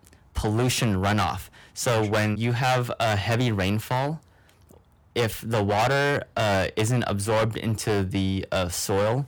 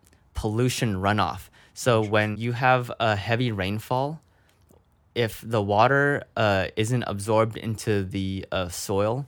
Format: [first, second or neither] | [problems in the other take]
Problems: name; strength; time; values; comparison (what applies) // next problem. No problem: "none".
second | distortion; heavy; 14% of the sound clipped